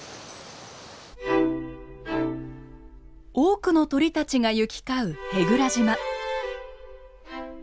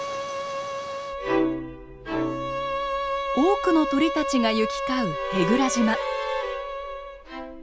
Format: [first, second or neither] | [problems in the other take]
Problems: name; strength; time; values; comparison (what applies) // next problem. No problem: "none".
first | background sound (Bowed string instrument); 4 dB below the speech